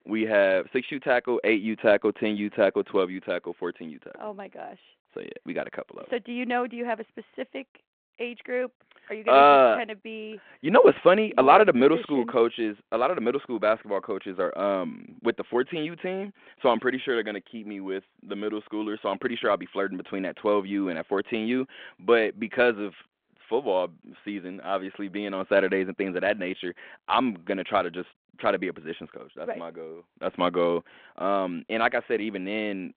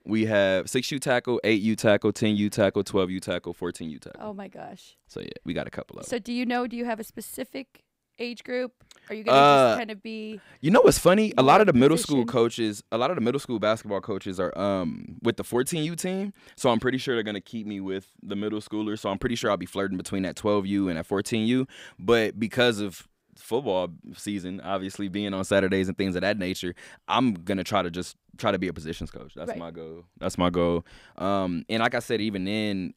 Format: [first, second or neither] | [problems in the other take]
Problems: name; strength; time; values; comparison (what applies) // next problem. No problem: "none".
second | phone-call audio; nothing above 3.5 kHz